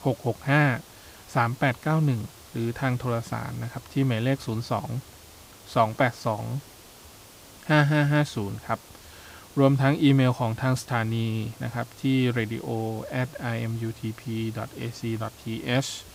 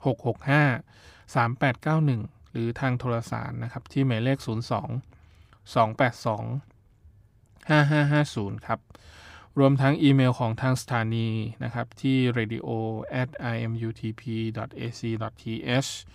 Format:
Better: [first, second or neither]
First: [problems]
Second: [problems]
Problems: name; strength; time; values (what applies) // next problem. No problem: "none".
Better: second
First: hiss; faint; throughout; 20 dB below the speech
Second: none